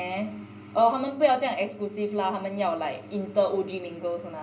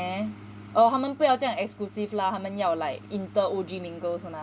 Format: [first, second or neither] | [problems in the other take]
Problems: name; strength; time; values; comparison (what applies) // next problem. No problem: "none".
second | room echo; dies away in 0.5 s